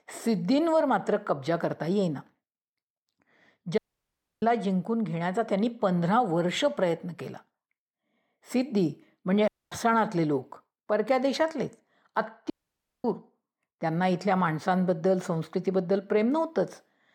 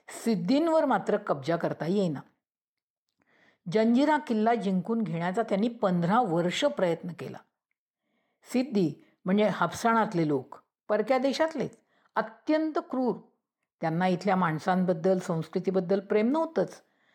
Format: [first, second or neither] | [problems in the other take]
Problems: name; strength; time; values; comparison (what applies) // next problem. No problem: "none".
second | audio cutting out; at 4 s for 0.5 s, at 9.5 s and at 13 s for 0.5 s